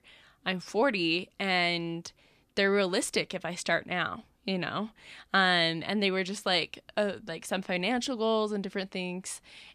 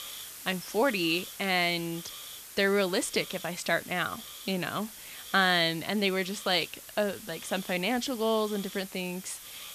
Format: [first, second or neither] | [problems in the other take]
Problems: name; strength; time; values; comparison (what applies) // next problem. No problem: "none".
first | hiss; noticeable; throughout; 15 dB below the speech